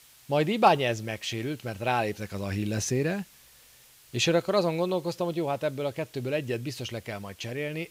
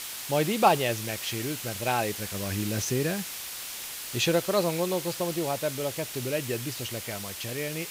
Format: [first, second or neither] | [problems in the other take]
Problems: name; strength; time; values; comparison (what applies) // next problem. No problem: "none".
first | hiss; loud; throughout; 6 dB below the speech; faint in the first